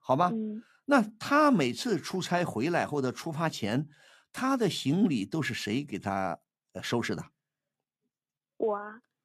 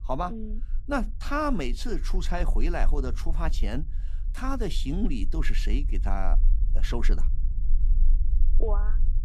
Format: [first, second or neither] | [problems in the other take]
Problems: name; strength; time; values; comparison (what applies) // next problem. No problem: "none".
first | low rumble; faint; throughout; 20 dB below the speech